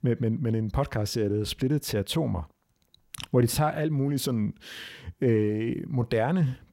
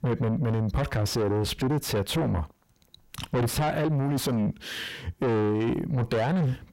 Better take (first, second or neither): first